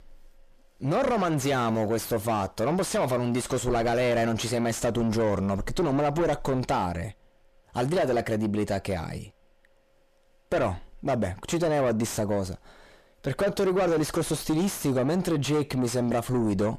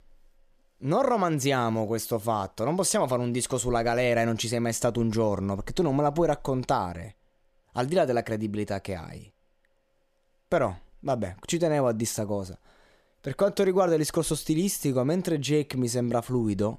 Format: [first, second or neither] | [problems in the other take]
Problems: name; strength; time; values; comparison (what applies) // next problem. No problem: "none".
second | distortion; heavy; 6 dB below the speech